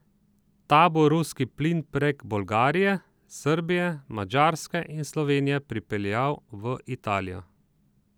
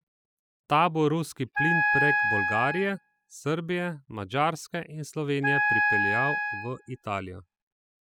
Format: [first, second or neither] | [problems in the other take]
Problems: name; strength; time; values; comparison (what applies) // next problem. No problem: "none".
first | noise reduction (classical method spectral subtraction)